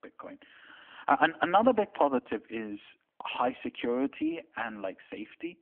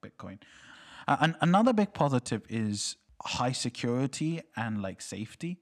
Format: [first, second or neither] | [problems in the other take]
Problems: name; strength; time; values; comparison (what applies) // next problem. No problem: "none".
second | phone-call audio; nothing above 3.5 kHz